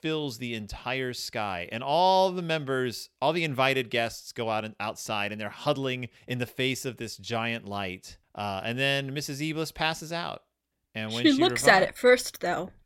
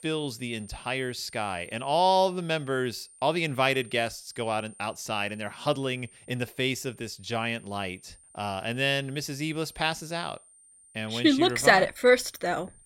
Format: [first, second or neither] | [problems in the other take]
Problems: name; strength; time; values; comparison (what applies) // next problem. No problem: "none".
first | high-pitched whine; faint; throughout; 9 kHz, 25 dB below the speech